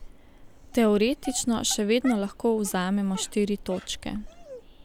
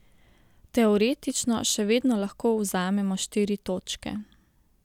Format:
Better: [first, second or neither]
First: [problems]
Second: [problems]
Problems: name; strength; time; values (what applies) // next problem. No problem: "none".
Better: second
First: background sound (Dog + Train); 16 dB below the speech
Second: none